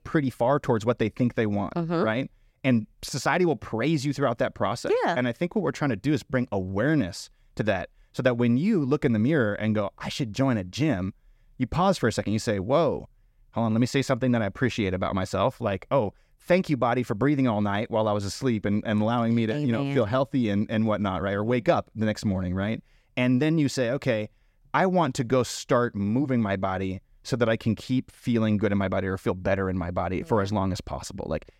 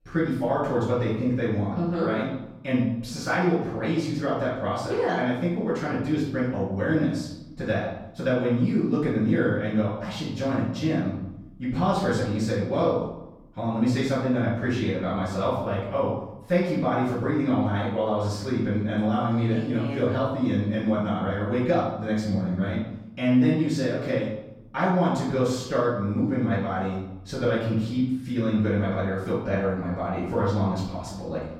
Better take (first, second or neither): first